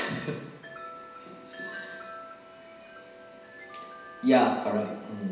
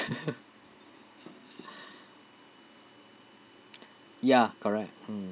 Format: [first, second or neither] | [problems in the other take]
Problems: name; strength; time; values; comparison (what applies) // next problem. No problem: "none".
second | background sound (Wind chime); 14 dB below the speech // room echo; dies away in 0.9 s